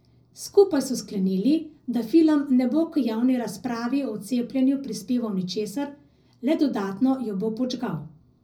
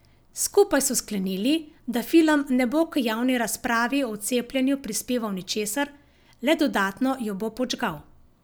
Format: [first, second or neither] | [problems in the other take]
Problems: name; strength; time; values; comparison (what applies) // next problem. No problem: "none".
second | room echo; dies away in 0.4 s